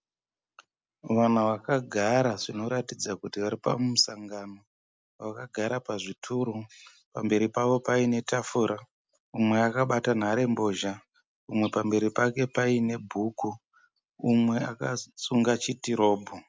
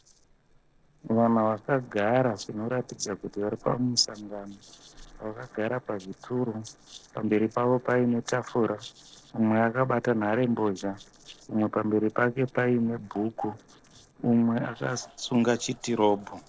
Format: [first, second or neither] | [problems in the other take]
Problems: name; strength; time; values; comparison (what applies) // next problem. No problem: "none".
first | noise reduction (neural separator model SepFormer DNS4)